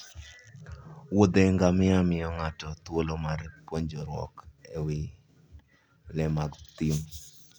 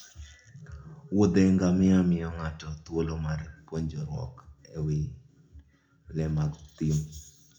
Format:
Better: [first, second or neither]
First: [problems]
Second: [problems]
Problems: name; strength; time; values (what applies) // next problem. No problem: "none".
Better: first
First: none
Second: room echo; dies away in 0.3 s